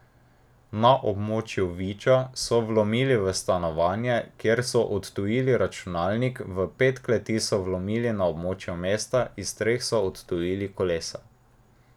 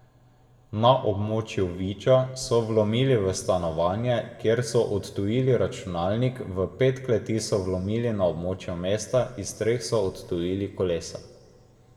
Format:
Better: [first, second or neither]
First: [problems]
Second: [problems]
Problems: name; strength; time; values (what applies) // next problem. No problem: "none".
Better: first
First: none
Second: room echo; dies away in 1.1 s